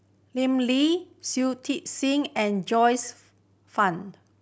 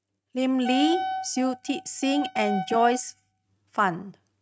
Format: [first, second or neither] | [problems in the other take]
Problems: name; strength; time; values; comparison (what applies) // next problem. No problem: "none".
first | noise reduction (neural mask model RNNoise)